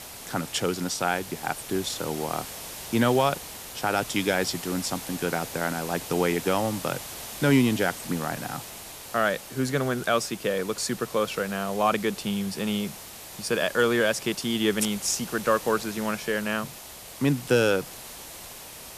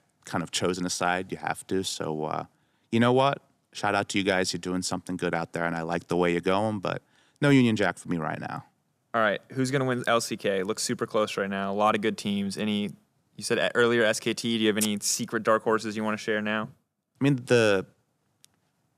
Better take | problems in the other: second | hiss; noticeable; throughout; 10 dB below the speech

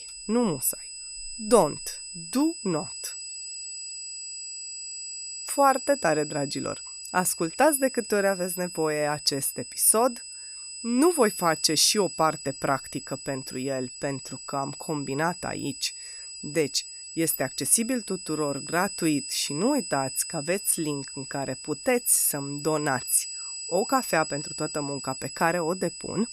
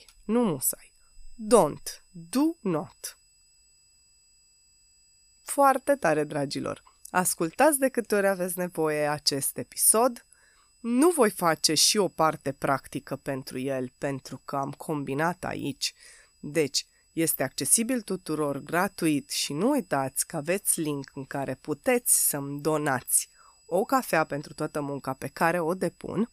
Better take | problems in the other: second | high-pitched whine; loud; throughout; 8 kHz, 10 dB below the speech; faint in the second

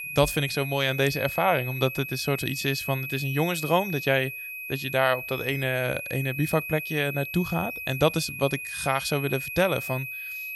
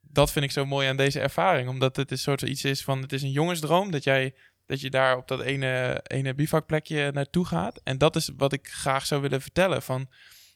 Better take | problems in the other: second | high-pitched whine; loud; throughout; 2.5 kHz, 6 dB below the speech

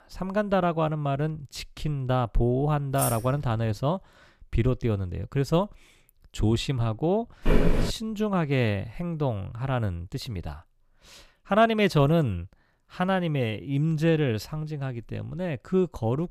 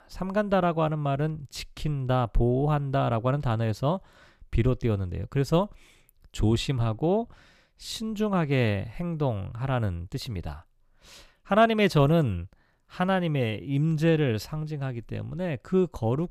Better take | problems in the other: second | jangling keys; noticeable; at 3 s; peak 4 dB below the speech // footsteps; loud; at 7.5 s; peak 3 dB above the speech

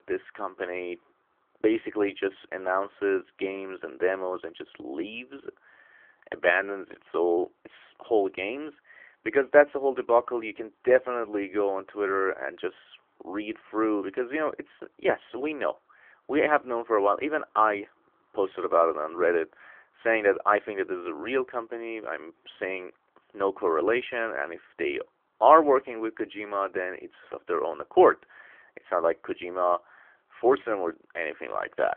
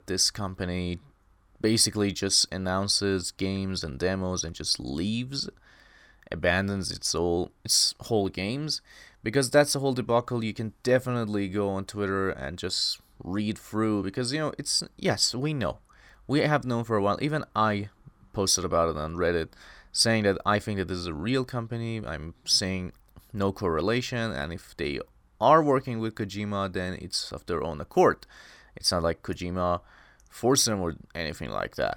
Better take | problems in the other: second | phone-call audio; nothing above 3 kHz

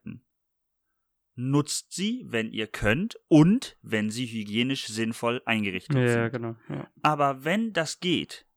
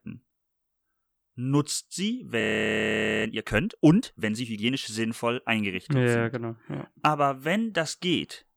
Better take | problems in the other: first | audio freezing; at 2.5 s for 1 s

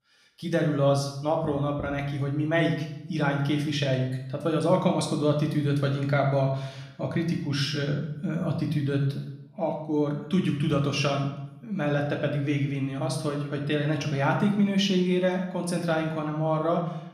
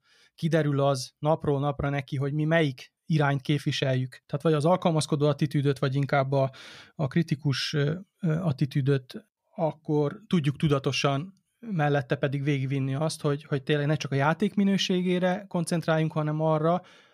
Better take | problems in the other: second | room echo; slight; dies away in 0.7 s // off-mic speech; somewhat distant

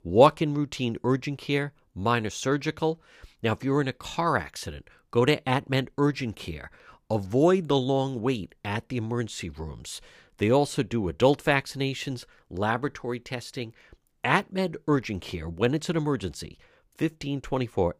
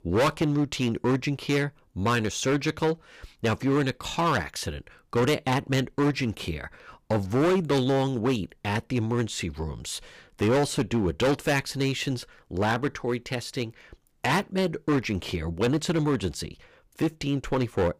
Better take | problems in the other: first | distortion; heavy; 9% of the sound clipped

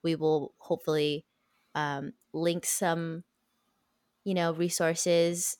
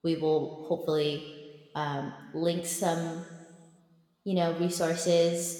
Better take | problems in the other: first | room echo; slight; dies away in 1.3 s

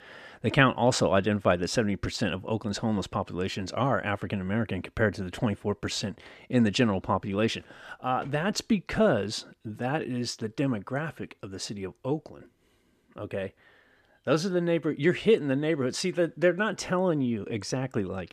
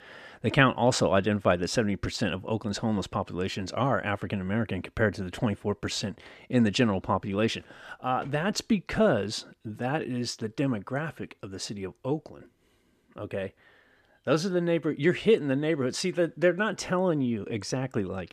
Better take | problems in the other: neither | none

